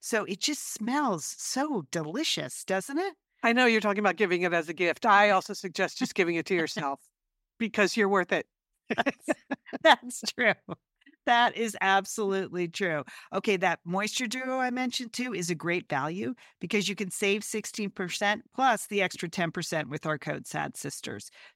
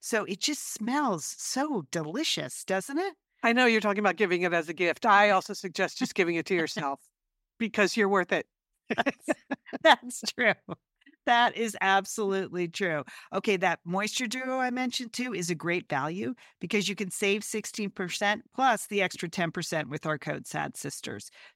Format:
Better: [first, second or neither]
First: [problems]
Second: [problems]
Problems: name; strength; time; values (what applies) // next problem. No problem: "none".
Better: neither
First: none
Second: none